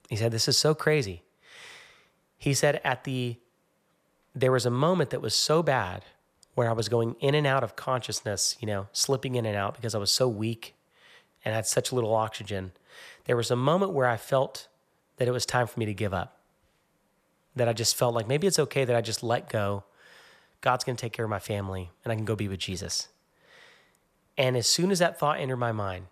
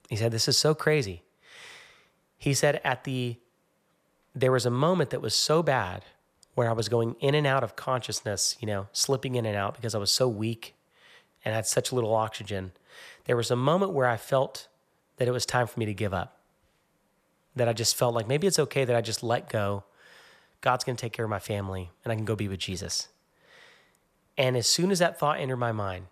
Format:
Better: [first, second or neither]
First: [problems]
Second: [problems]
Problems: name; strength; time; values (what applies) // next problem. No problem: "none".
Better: neither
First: none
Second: none